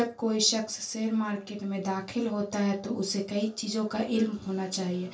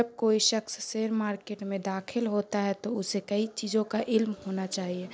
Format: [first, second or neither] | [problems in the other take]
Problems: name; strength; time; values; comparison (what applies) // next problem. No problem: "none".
second | room echo; dies away in 0.2 s